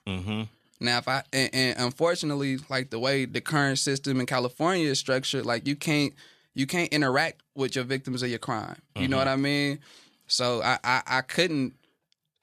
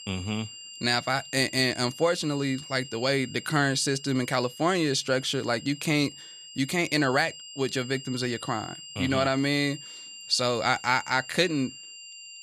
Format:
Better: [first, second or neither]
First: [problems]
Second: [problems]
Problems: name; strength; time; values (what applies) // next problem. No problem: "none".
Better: first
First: none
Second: high-pitched whine; noticeable; throughout; 3 kHz, 15 dB below the speech